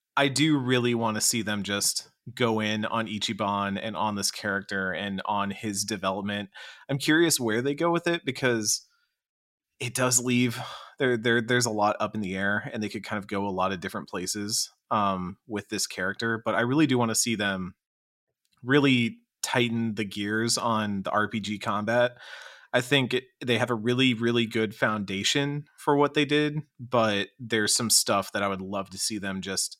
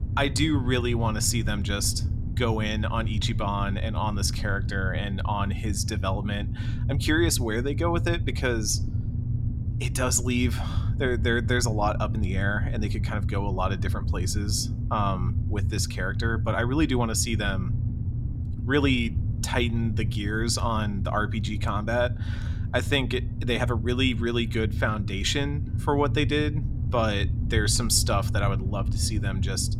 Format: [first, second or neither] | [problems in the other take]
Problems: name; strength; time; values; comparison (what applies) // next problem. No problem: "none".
first | low rumble; noticeable; throughout; 15 dB below the speech